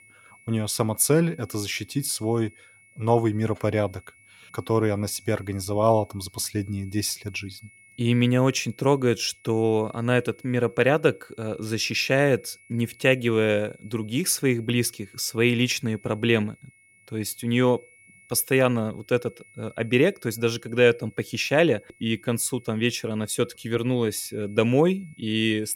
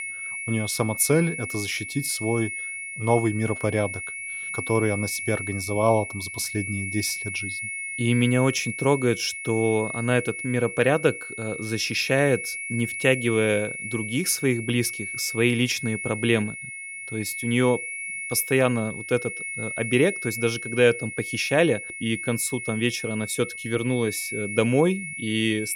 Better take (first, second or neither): first